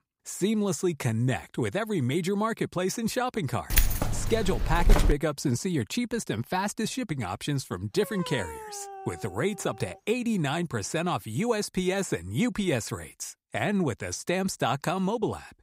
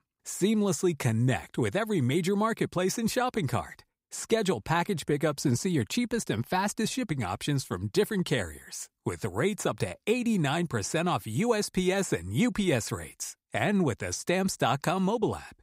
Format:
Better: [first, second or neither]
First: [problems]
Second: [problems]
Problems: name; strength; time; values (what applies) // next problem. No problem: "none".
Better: second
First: jangling keys; loud; from 3.5 to 5 s; peak 4 dB above the speech // dog barking; faint; from 8 to 10 s; peak 10 dB below the speech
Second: none